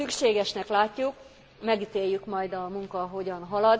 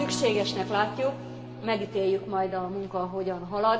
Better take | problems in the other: first | background sound (Acoustic guitar); 10 dB below the speech // room echo; dies away in 2 s

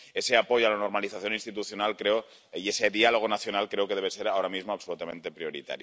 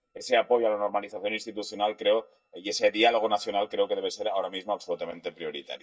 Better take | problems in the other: first | noise reduction (neural mask model DeepFilterNet 3)

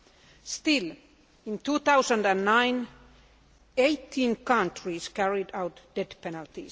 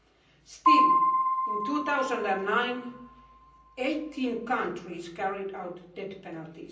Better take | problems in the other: first | background sound (Piano); 4 dB above the speech // room echo; dies away in 0.6 s

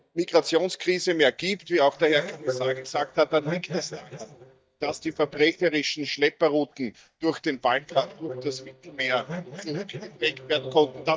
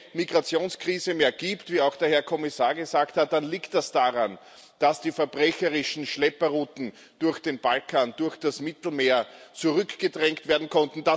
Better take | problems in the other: second | noise reduction (neural mask model DeepFilterNet 3)

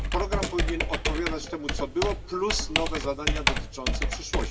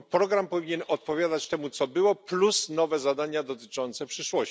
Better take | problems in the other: second | background sound (Computer keyboard); 3 dB above the speech // room echo; dies away in 2.5 s

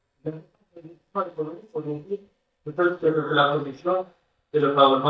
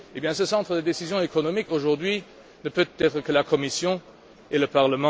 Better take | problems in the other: second | noise reduction (neural mask model DeepFilterNet 3)

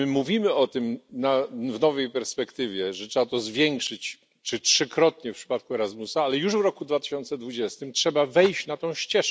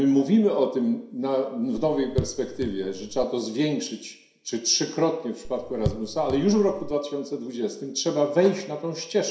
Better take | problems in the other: first | background sound (Raindrop / Drip); 9 dB below the speech // room echo; dies away in 0.7 s

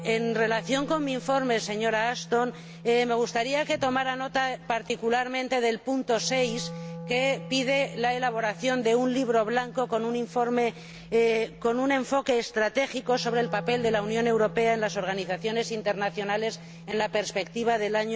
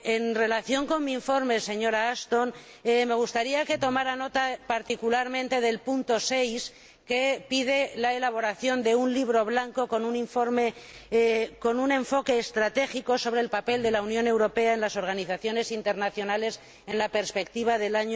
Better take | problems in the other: second | background sound (Wind instrument, woodwind instrument); 15 dB below the speech

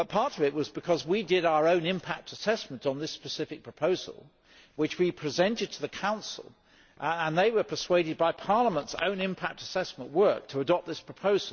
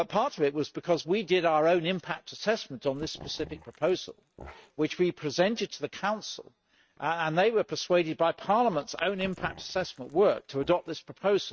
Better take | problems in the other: first | noise reduction (neural mask model RNNoise)

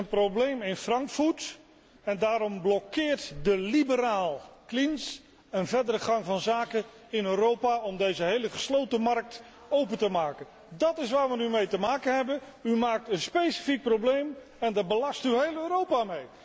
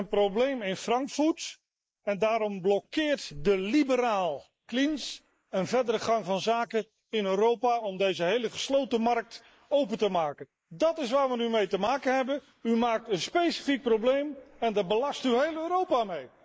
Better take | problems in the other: first | noise reduction (neural mask model Resemble Enhance denoiser)

